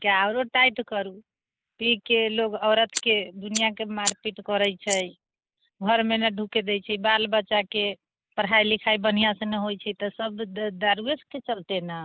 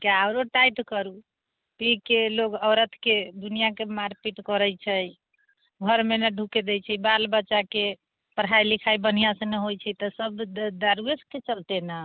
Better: second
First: noise reduction (neural mask model Resemble Enhance denoiser)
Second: none

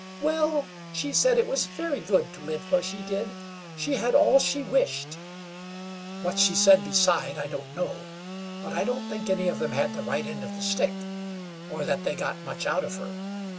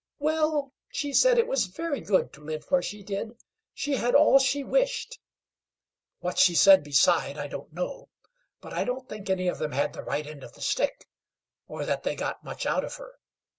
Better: second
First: background sound (Sawing / Engine); 9 dB below the speech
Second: none

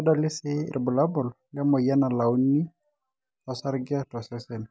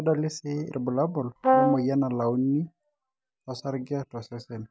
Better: first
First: none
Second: background sound (Brass instrument); 5 dB above the speech

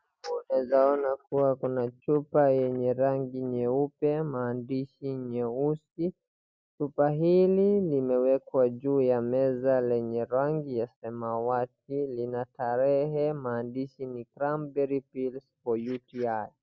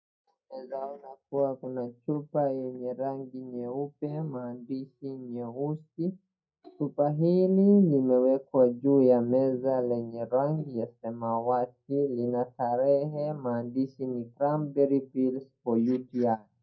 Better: first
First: none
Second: noise reduction (neural mask model DeepFilterNet 3)

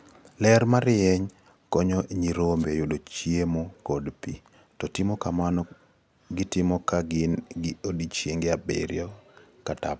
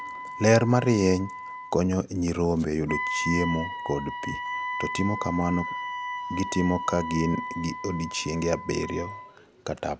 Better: first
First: none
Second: background sound (Wind instrument, woodwind instrument); 8 dB below the speech

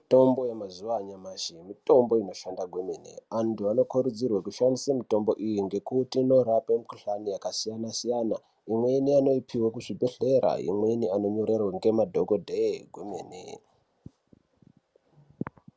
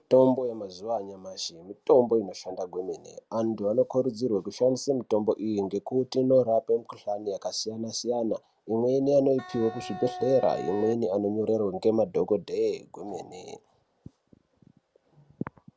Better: first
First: none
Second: background sound (Wind instrument, woodwind instrument); 12 dB below the speech

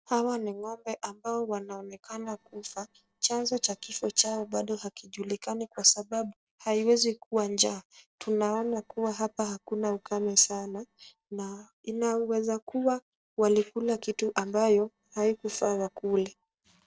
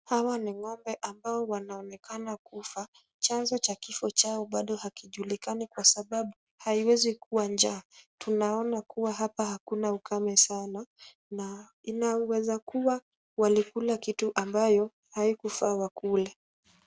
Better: second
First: noise reduction (neural separator model SepFormer DNS4)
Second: none

